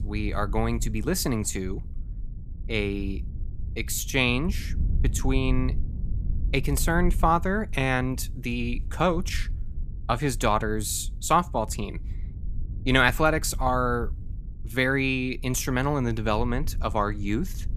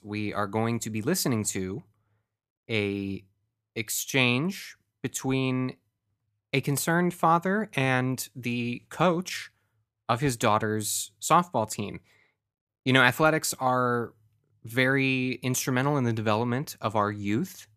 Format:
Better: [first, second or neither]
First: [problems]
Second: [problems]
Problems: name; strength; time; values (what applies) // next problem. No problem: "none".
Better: second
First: low rumble; faint; throughout; 25 dB below the speech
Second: none